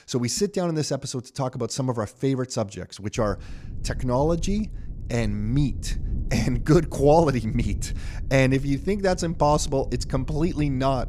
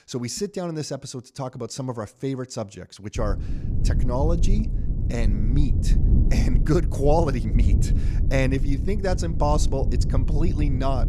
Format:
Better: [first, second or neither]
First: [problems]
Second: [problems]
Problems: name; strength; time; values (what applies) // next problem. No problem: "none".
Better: first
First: low rumble; faint; from 3 s on; 25 dB below the speech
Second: low rumble; loud; from 3 s on; 10 dB below the speech